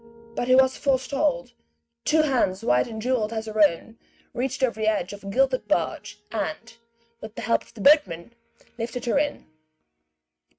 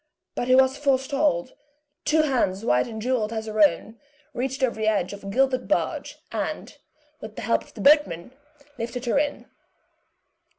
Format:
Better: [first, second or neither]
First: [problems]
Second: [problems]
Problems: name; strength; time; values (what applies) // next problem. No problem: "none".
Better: second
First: noise reduction (neural mask model RNNoise)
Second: none